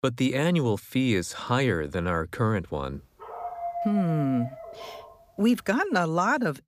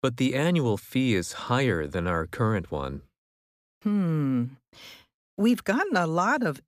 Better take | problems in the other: second | dog barking; noticeable; from 3 to 5 s; peak 6 dB below the speech

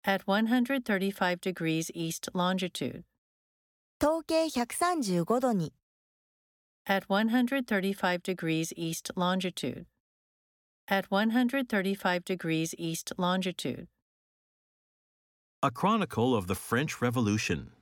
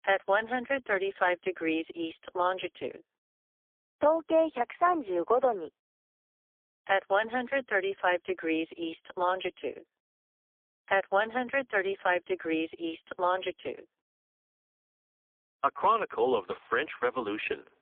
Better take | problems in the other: first | phone-call audio; poor line; nothing above 3.5 kHz

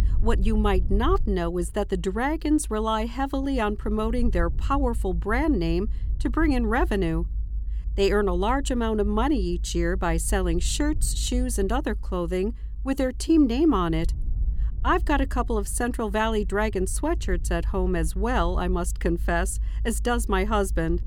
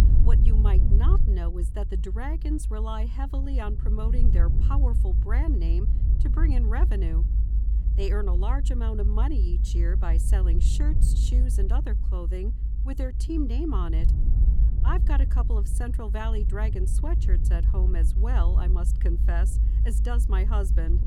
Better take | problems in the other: first | low rumble; loud; throughout; 7 dB below the speech; faint in the first

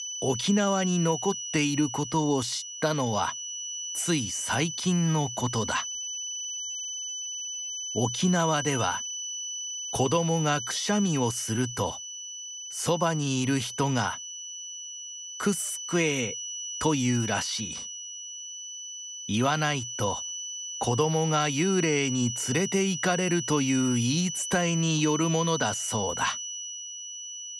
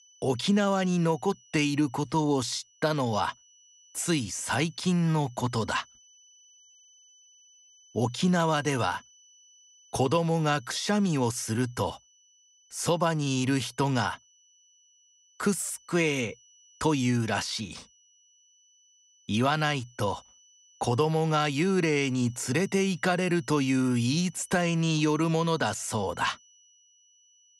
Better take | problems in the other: second | high-pitched whine; loud; throughout; 6 kHz, 6 dB below the speech; faint in the second

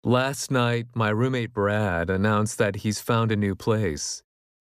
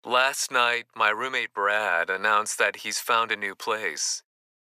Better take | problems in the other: first | thin; very; fading below 850 Hz

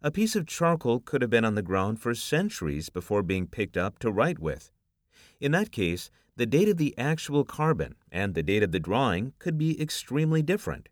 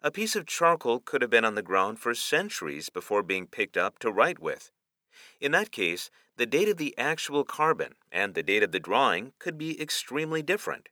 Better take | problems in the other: first | thin; somewhat; fading below 400 Hz

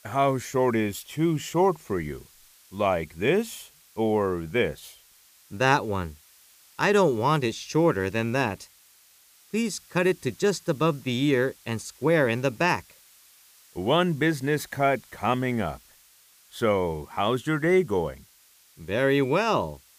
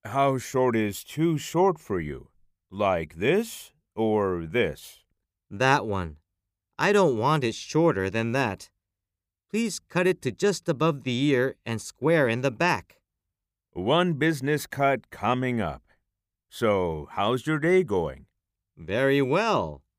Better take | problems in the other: second | hiss; faint; throughout; 25 dB below the speech

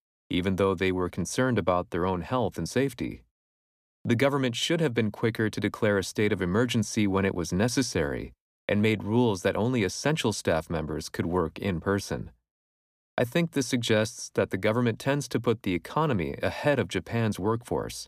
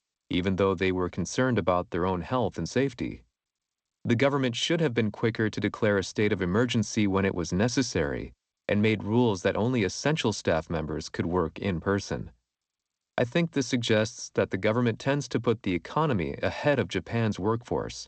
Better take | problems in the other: first | garbled, watery; slightly

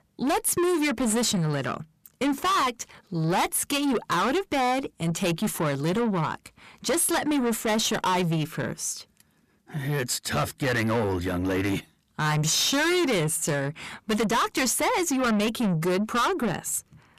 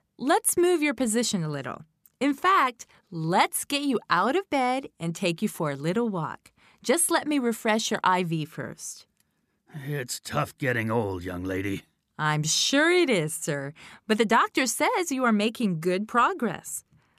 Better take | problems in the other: second | distortion; heavy; 6 dB below the speech

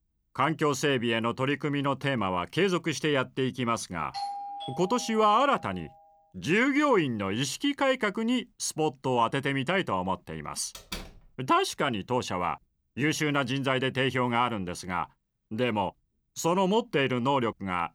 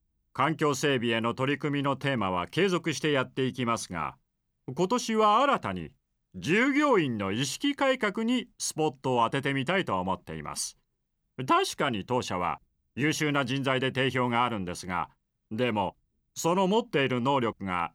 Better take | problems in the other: second | doorbell; noticeable; from 4 to 5.5 s; peak 8 dB below the speech // door banging; faint; at 11 s; peak 10 dB below the speech

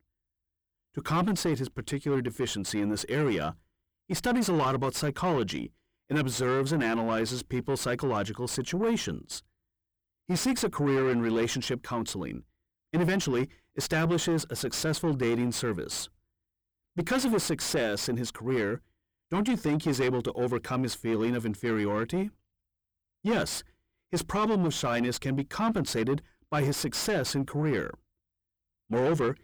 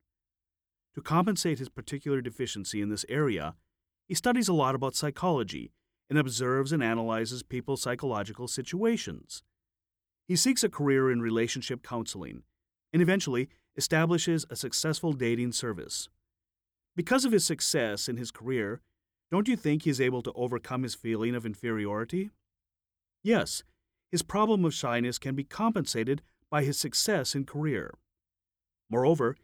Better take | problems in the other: second | distortion; heavy; 6 dB below the speech

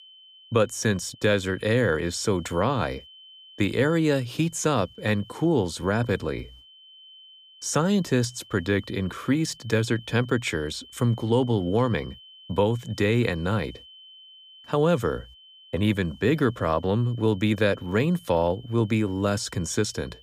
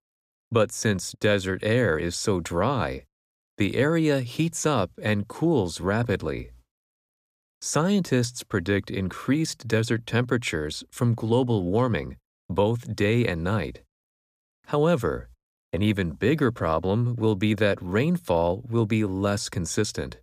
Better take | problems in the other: second | high-pitched whine; faint; throughout; 3 kHz, 25 dB below the speech

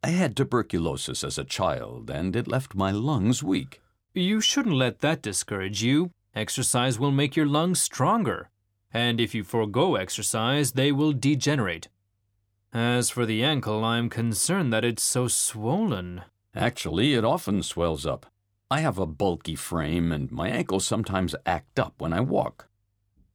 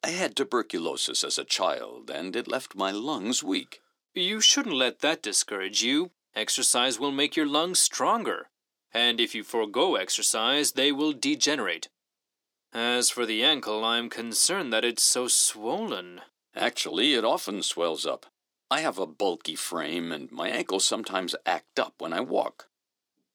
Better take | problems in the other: first | thin; somewhat; fading below 300 Hz

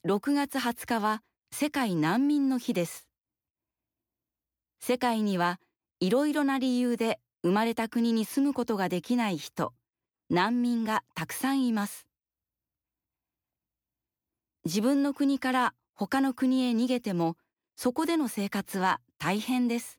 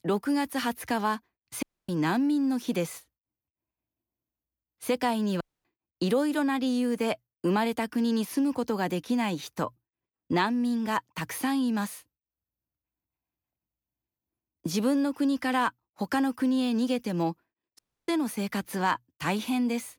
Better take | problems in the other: first | audio cutting out; at 1.5 s, at 5.5 s and at 18 s

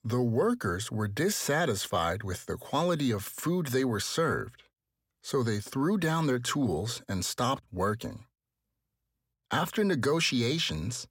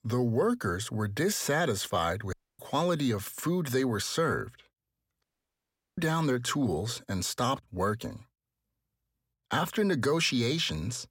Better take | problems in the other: first | audio cutting out; at 2.5 s and at 5 s for 1 s

